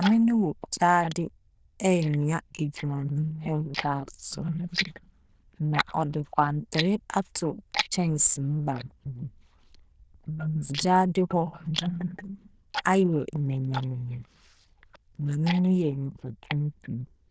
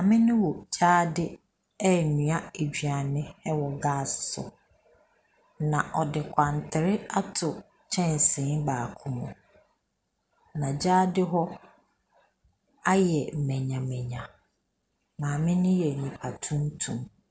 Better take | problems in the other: second | noise reduction (neural diffusion model UNIVERSE++)

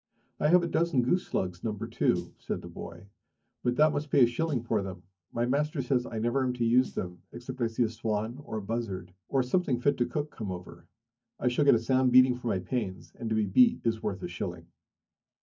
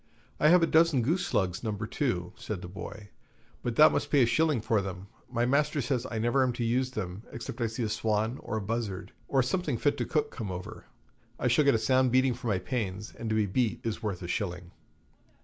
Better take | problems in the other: second | noise reduction (neural mask model DeepFilterNet 3)

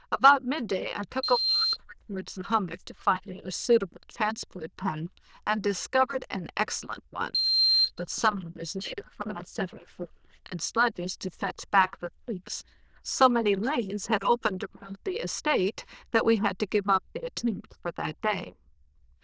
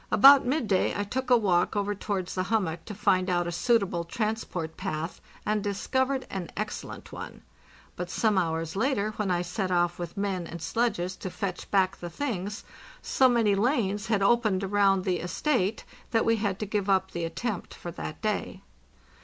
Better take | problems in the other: second | noise reduction (neural diffusion model UNIVERSE++)

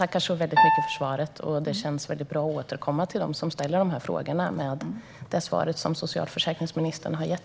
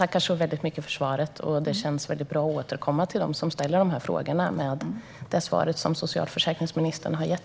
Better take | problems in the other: second | background sound (Piano); 3 dB above the speech

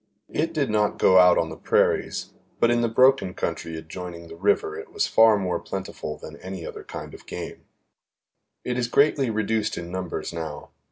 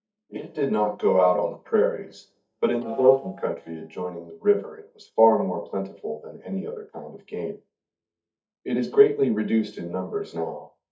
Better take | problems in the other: first | noise reduction (neural mask model DeepFilterNet 3)

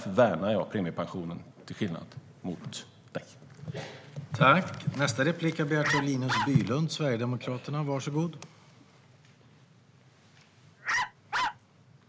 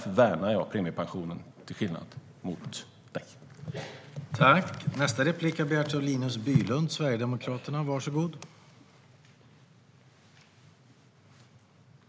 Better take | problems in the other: second | background sound (Bark); 2 dB below the speech

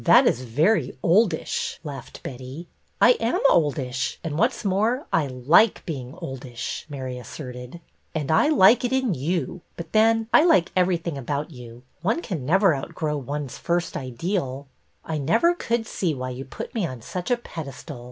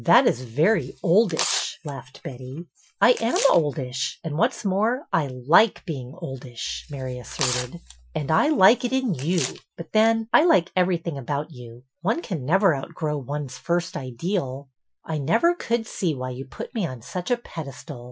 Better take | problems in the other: first | noise reduction (classical method Wiener filter)

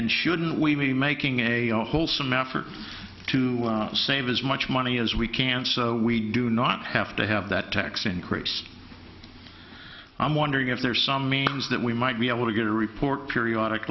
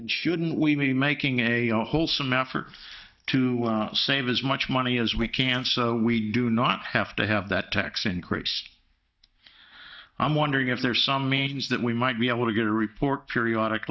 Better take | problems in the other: first | noise reduction (neural mask model DeepFilterNet 3)

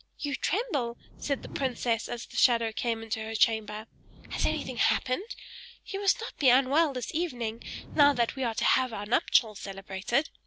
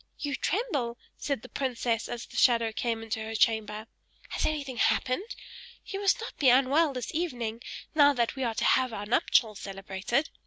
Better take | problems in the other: second | background sound (Whoosh, swoosh, swish); 18 dB below the speech

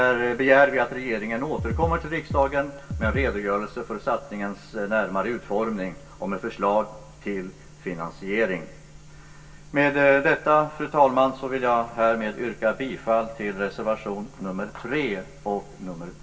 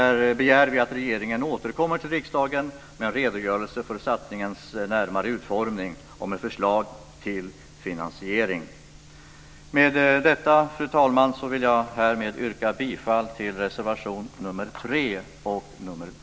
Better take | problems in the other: second | background sound (Drum kit); 6 dB below the speech // room echo; dies away in 0.2 s

